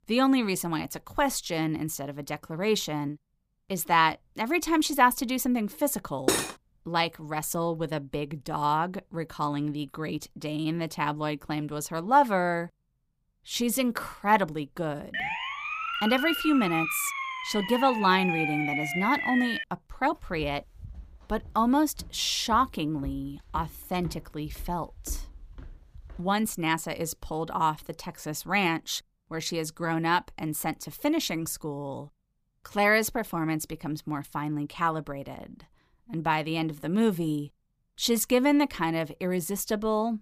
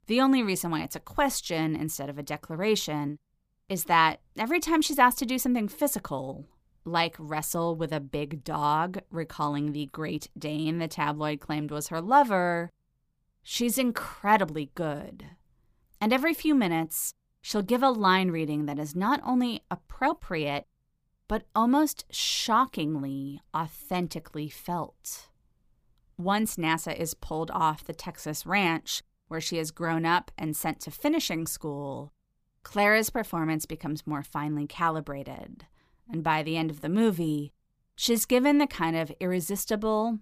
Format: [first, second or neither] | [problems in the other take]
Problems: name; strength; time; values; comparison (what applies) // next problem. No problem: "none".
second | clattering dishes; loud; at 6.5 s; peak 2 dB above the speech // siren; noticeable; from 15 to 20 s; peak level with the speech // footsteps; faint; from 20 to 26 s; peak 15 dB below the speech